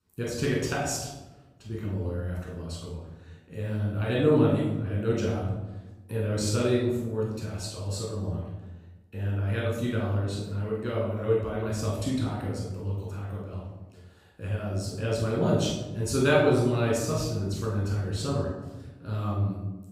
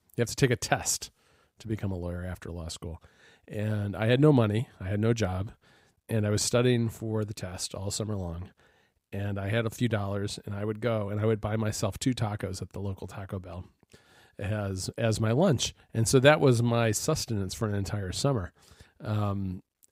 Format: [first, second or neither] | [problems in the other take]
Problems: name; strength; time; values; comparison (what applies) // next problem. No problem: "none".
second | off-mic speech; far // room echo; noticeable; dies away in 0.9 s